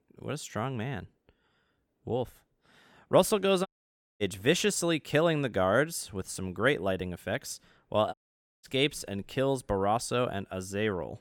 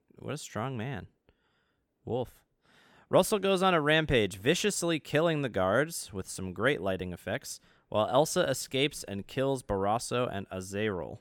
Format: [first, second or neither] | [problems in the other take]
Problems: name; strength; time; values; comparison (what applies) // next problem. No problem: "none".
second | audio cutting out; at 3.5 s for 0.5 s and at 8 s